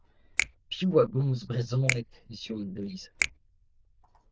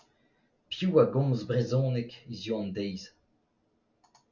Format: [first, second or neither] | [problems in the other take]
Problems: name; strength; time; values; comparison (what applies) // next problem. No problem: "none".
second | noise reduction (neural diffusion model UNIVERSE++)